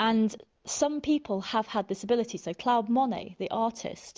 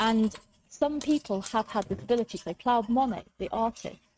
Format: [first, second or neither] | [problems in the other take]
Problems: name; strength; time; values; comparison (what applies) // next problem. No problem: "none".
first | noise reduction (neural mask model RNNoise)